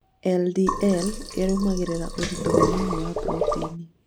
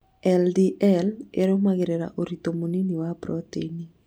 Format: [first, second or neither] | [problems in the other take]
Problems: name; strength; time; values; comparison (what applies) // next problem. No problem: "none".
second | background sound (Sink (filling or washing)); 1 dB below the speech